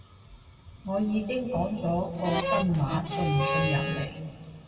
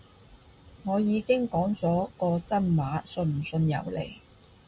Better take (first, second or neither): second